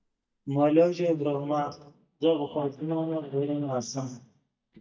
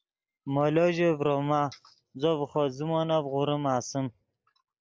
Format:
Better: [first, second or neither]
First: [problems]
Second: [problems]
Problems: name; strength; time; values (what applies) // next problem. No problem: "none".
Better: second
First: noise reduction (neural mask model DeepFilterNet 3)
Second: none